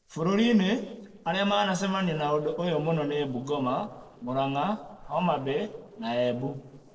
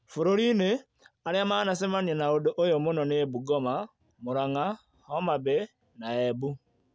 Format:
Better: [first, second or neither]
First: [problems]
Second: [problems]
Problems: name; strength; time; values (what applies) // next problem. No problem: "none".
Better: second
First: noise reduction (neural separator model SepFormer DNS4)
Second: none